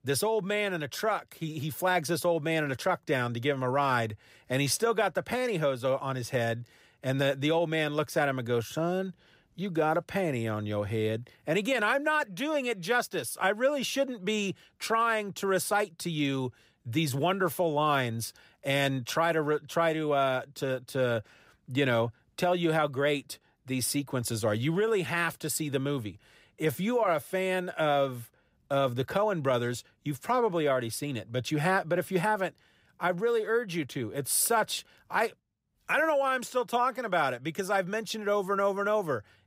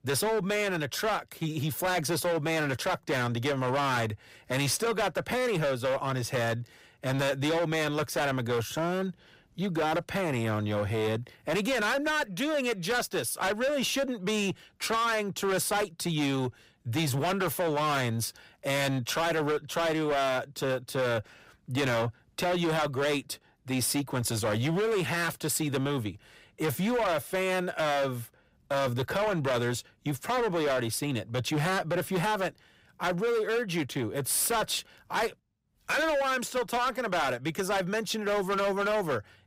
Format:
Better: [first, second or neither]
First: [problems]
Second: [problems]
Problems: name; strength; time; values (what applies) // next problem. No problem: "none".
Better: first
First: none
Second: distortion; heavy; 21% of the sound clipped